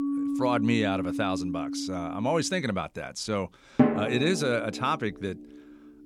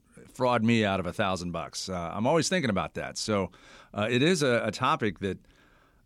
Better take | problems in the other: second | background music; loud; throughout; 1 dB below the speech

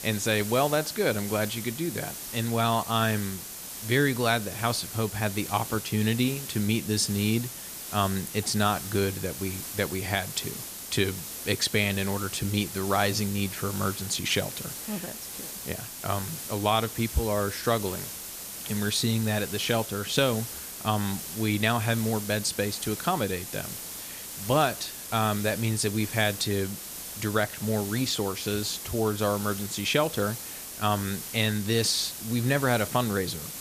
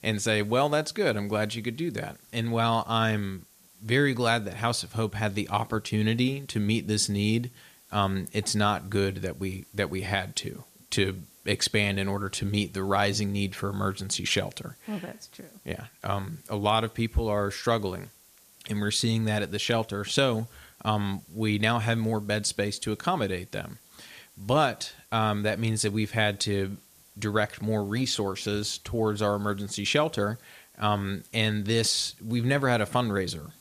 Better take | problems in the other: second | hiss; loud; throughout; 8 dB below the speech; faint in the second

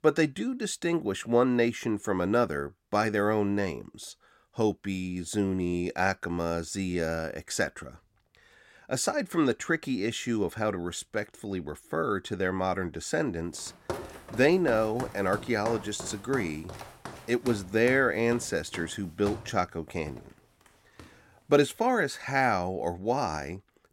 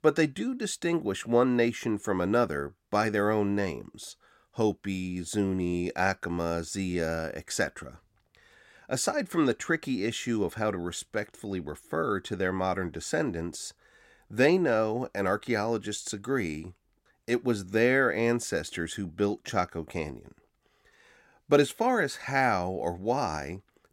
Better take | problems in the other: second | footsteps; noticeable; from 14 to 21 s; peak 9 dB below the speech

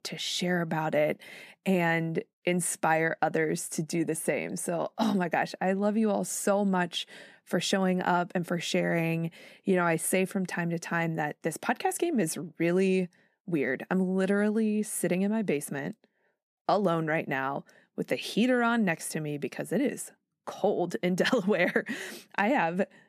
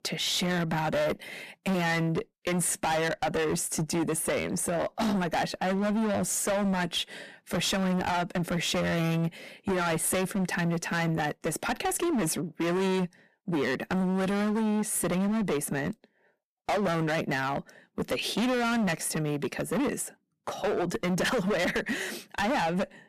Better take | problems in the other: first | distortion; heavy; 23% of the sound clipped

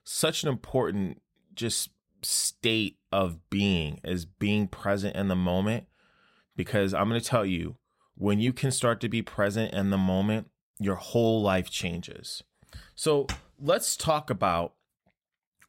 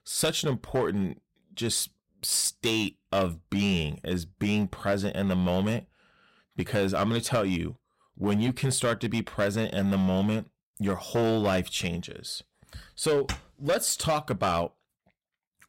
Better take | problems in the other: first | distortion; slight; 5% of the sound clipped

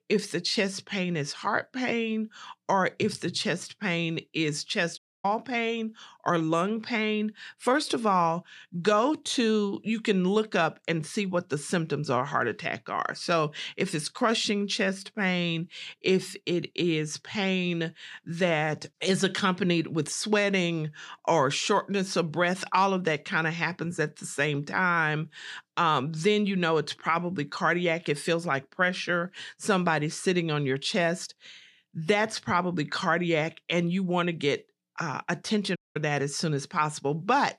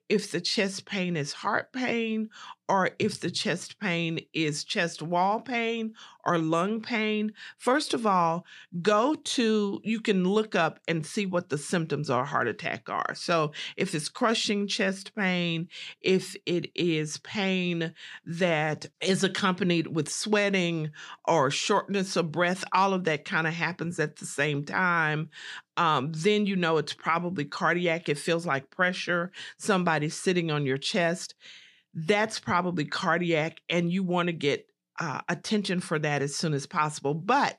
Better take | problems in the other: second | audio cutting out; at 5 s and at 36 s

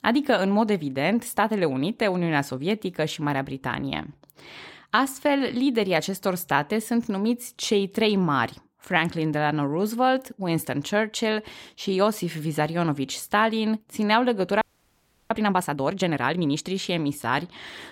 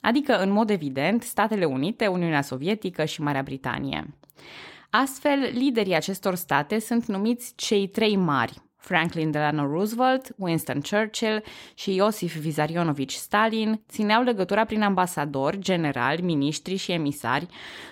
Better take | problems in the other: second | audio freezing; at 15 s for 0.5 s

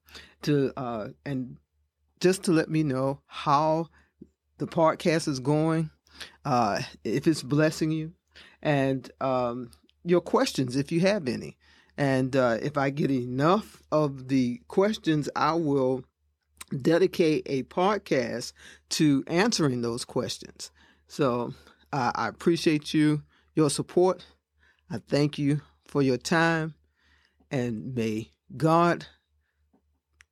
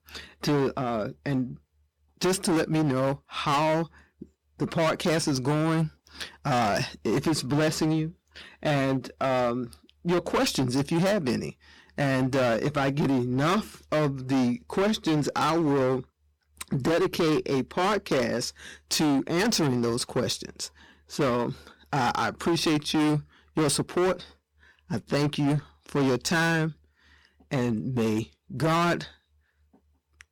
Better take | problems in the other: first | distortion; heavy; 18% of the sound clipped

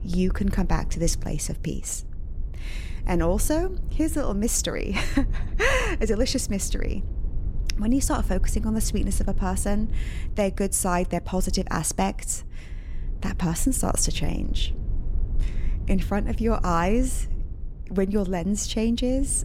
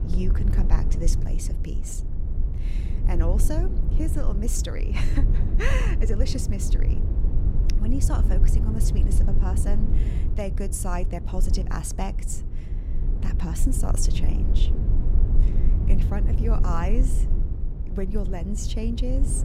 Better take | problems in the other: first | low rumble; loud; throughout; 6 dB below the speech; faint in the first

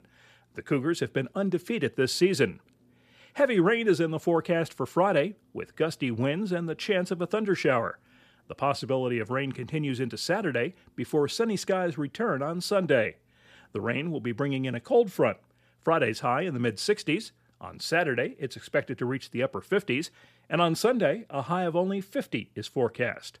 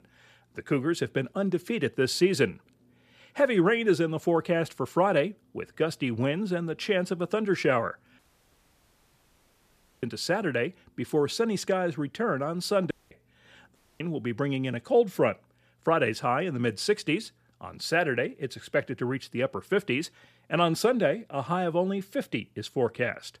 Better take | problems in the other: first | audio cutting out; at 8 s for 2 s, at 13 s and at 14 s

